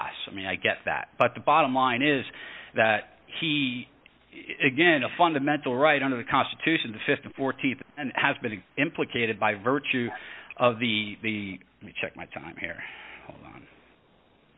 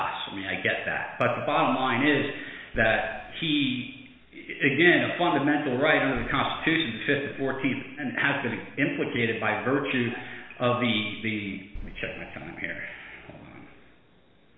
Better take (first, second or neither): first